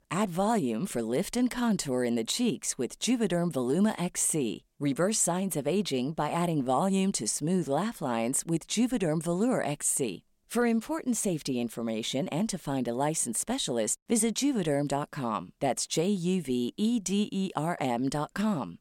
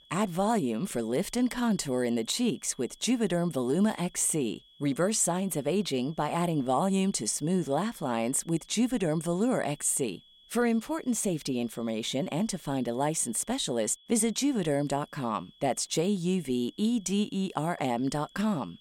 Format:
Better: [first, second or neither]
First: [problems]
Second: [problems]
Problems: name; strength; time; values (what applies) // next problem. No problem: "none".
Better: first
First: none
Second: high-pitched whine; faint; throughout; 3.5 kHz, 25 dB below the speech